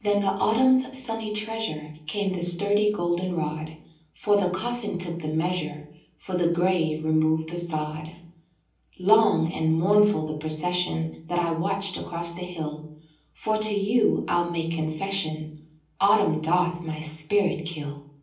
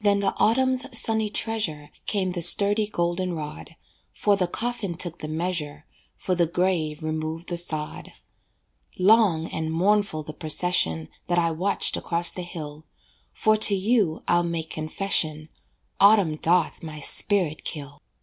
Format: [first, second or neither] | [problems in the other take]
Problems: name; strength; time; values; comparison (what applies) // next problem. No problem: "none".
second | room echo; dies away in 0.6 s